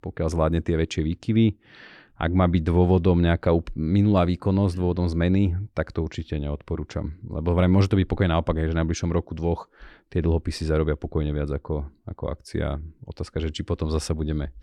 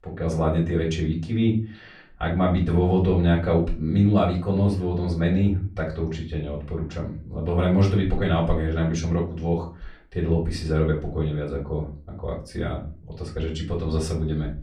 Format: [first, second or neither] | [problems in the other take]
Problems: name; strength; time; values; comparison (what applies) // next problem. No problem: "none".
first | off-mic speech; far // room echo; slight; dies away in 0.3 s